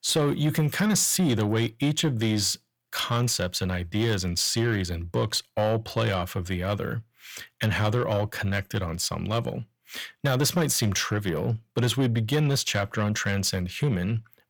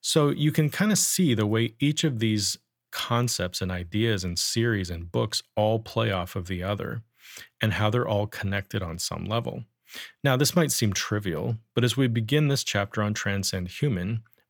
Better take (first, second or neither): second